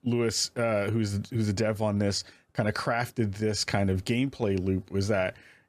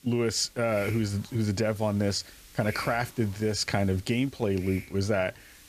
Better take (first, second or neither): first